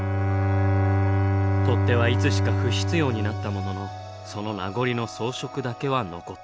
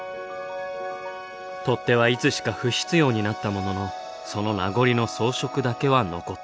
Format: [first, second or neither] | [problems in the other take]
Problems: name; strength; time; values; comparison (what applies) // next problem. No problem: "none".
second | background sound (Bowed string instrument); 4 dB above the speech